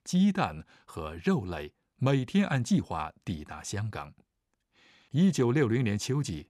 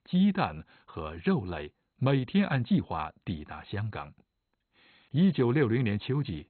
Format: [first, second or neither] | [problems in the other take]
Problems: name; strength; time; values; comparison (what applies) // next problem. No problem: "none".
first | garbled, watery; badly; nothing above 4 kHz